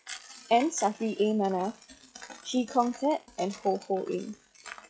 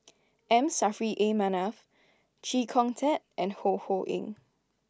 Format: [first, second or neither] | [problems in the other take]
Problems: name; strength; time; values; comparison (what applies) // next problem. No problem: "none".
second | noise reduction (classical method log-MMSE)